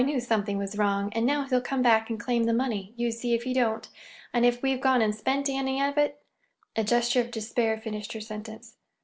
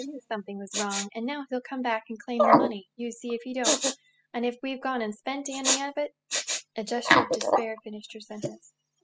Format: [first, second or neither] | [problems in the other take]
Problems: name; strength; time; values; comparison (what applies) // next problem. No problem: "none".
first | noise reduction (classical method spectral subtraction)